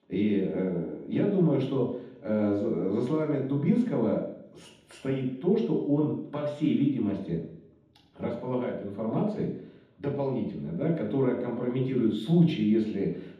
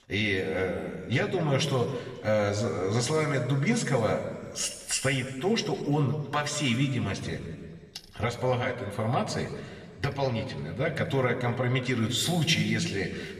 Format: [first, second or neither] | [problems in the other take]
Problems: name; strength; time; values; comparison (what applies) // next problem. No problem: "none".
second | room echo; strong; dies away in 0.9 s; slight in the second // off-mic speech; far; somewhat distant in the second